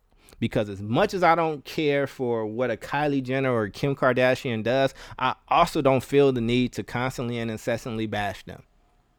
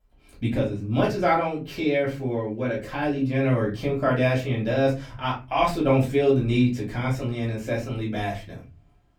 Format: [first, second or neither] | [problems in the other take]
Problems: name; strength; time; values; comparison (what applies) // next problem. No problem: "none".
first | off-mic speech; far // room echo; slight; dies away in 0.5 s